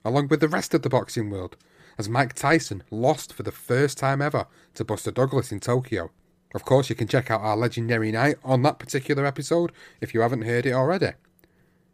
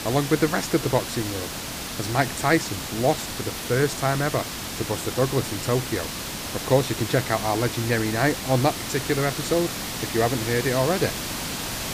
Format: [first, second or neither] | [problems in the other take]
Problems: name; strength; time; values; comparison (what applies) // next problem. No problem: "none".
first | hiss; loud; throughout; 5 dB below the speech